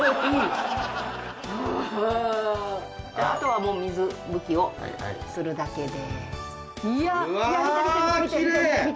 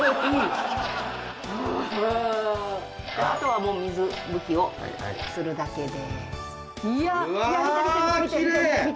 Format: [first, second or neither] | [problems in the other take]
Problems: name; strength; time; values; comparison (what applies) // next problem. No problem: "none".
first | background sound (Clock); 17 dB below the speech